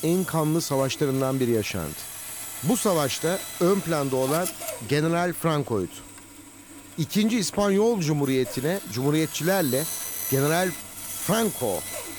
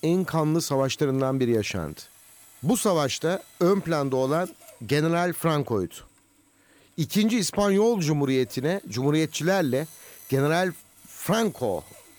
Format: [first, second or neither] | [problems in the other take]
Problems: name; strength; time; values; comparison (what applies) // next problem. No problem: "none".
second | machinery noise; loud; throughout; 8 dB below the speech; faint in the second